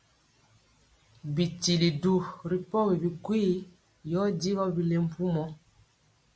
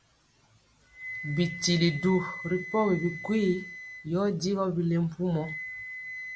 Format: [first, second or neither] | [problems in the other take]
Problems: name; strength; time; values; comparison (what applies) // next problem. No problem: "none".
first | background sound (Wind instrument, woodwind instrument); 12 dB below the speech